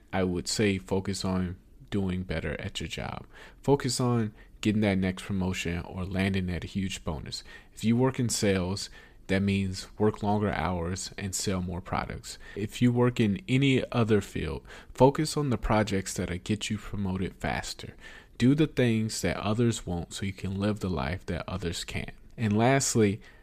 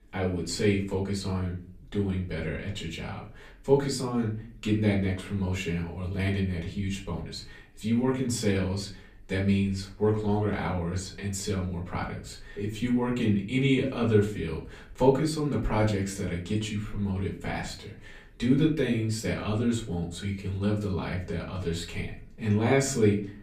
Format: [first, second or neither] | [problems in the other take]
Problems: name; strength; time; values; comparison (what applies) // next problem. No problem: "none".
first | room echo; slight; dies away in 0.4 s // off-mic speech; far